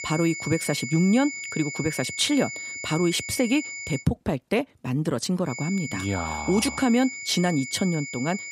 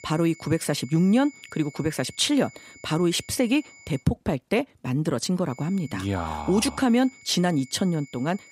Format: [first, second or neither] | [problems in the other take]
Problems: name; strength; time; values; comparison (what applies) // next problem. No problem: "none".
second | high-pitched whine; loud; until 4 s and from 5.5 s on; 2 kHz, 8 dB below the speech; faint in the second